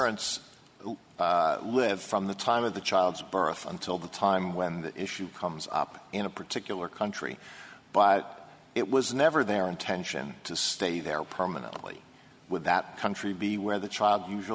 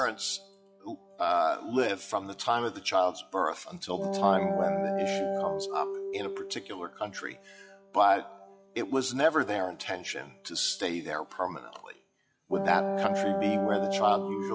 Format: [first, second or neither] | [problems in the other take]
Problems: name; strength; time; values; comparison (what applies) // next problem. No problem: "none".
first | noise reduction (classical method log-MMSE)